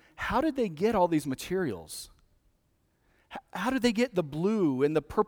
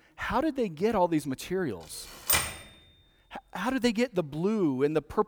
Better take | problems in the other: first | keyboard typing; loud; at 2.5 s; peak 3 dB above the speech

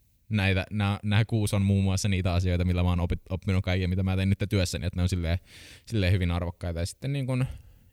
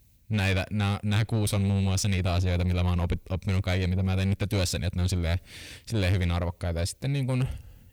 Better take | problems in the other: first | distortion; slight; 10 dB below the speech

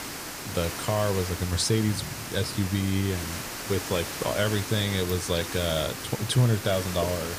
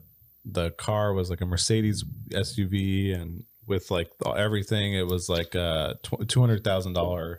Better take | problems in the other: second | hiss; loud; throughout; 6 dB below the speech

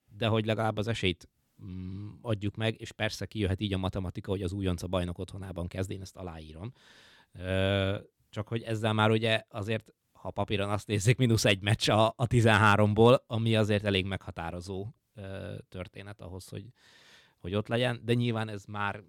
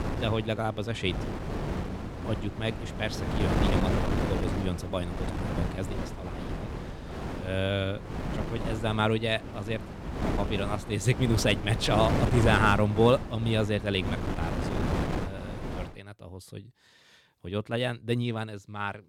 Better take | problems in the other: first | wind noise on the microphone; heavy; until 16 s; 6 dB below the speech

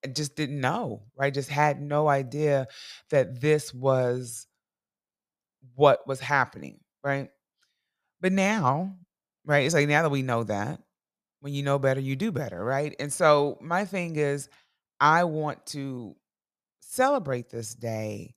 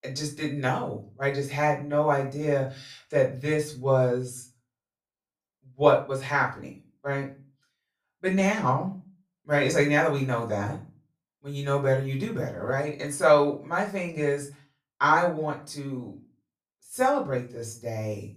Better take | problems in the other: first | off-mic speech; far // room echo; slight; dies away in 0.3 s

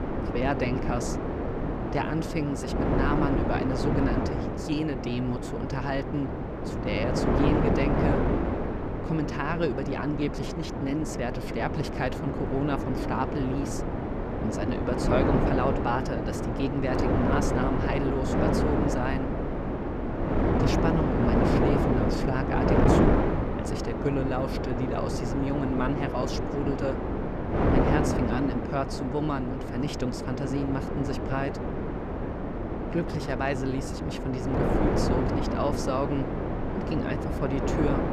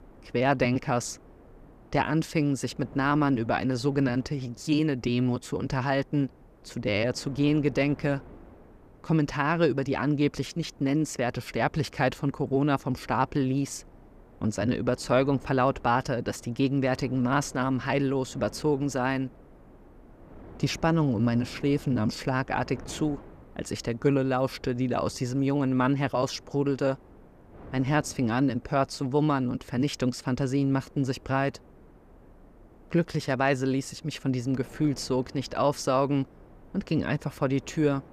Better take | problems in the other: second | wind noise on the microphone; heavy; 2 dB above the speech; occasional gusts in the second

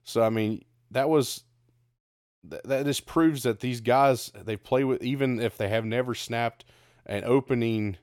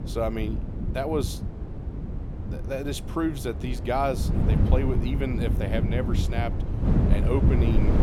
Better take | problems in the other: first | wind noise on the microphone; heavy; 6 dB below the speech

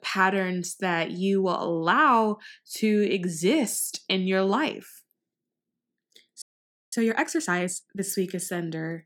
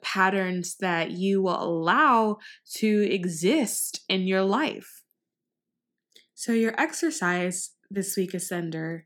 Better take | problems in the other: second | audio freezing; at 6.5 s for 0.5 s

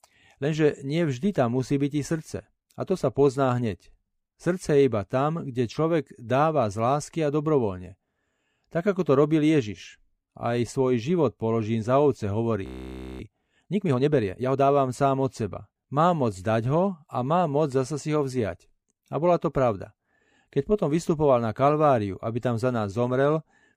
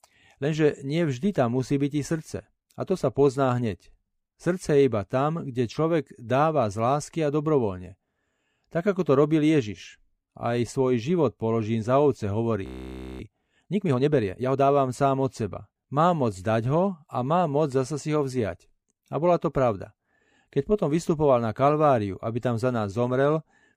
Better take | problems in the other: neither | audio freezing; at 13 s for 0.5 s; the same in both

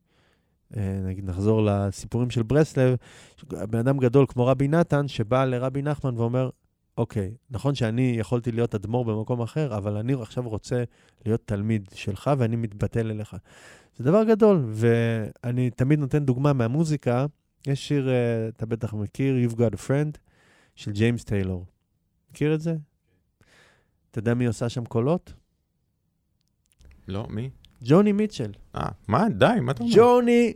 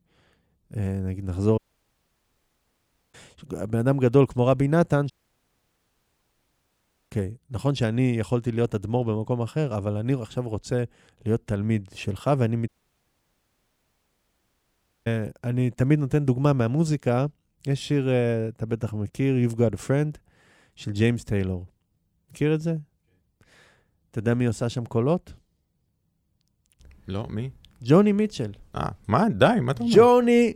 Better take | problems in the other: first | audio cutting out; at 1.5 s for 1.5 s, at 5 s for 2 s and at 13 s for 2.5 s

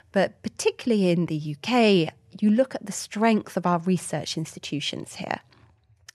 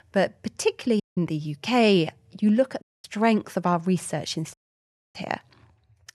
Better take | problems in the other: first | audio cutting out; at 1 s, at 3 s and at 4.5 s for 0.5 s

